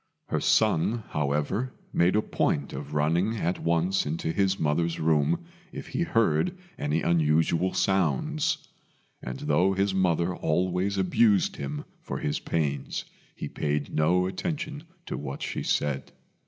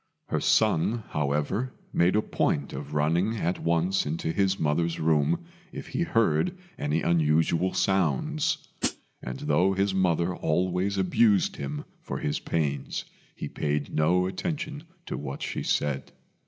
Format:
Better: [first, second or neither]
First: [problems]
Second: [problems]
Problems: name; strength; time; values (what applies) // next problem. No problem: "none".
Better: first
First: none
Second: background sound (Hi-hat); 5 dB below the speech